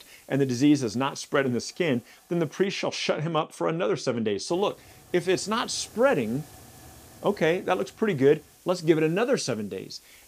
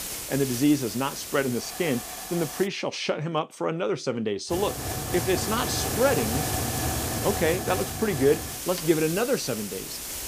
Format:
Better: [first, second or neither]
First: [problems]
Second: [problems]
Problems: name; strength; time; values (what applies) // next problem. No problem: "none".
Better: first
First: hiss; faint; until 2.5 s and from 4.5 s on; 25 dB below the speech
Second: hiss; loud; until 2.5 s and from 4.5 s on; 3 dB below the speech